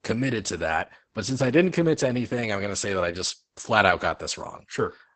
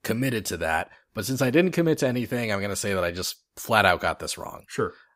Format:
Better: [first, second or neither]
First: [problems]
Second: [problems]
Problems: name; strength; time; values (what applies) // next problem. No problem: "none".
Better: second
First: garbled, watery; badly; nothing above 8 kHz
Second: none